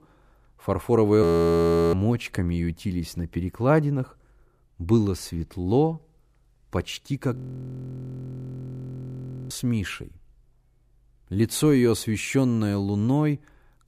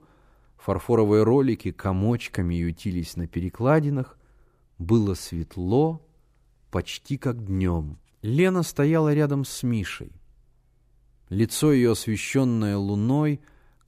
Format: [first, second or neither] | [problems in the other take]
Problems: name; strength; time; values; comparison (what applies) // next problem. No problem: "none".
second | audio freezing; at 1 s for 0.5 s and at 7.5 s for 2 s